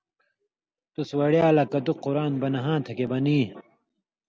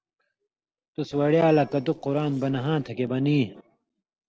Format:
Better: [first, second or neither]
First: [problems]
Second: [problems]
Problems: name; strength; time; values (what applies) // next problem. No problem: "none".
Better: first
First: none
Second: noise reduction (neural separator model SepFormer DNS4)